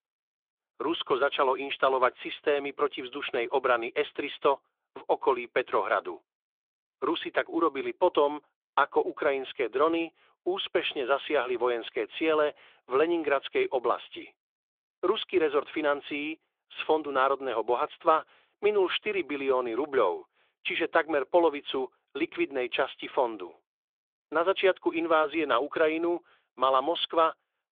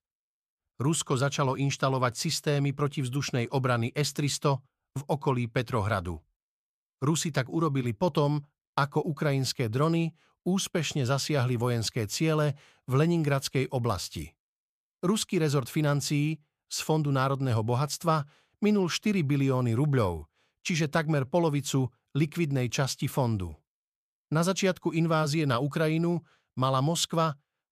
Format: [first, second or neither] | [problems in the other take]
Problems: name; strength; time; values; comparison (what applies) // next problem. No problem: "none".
second | phone-call audio; nothing above 3.5 kHz